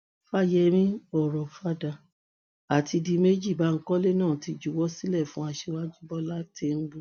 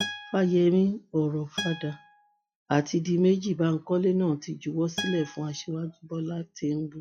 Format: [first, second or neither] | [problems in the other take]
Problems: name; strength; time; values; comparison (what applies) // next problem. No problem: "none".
first | noise reduction (classical method log-MMSE)